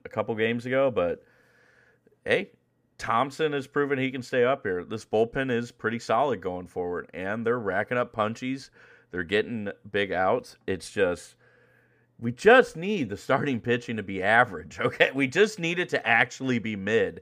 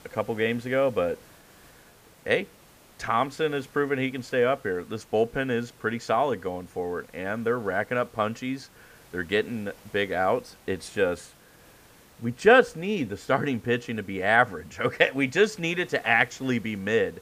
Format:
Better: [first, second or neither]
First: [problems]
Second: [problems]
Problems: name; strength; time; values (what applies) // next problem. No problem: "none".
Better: first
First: none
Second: hiss; faint; throughout; 25 dB below the speech